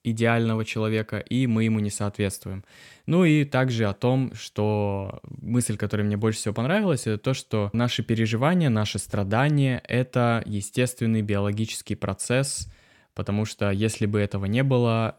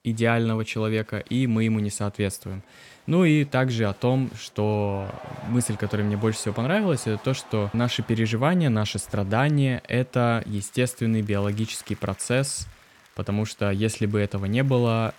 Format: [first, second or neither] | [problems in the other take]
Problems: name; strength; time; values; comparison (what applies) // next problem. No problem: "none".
first | crowd noise; faint; throughout; 25 dB below the speech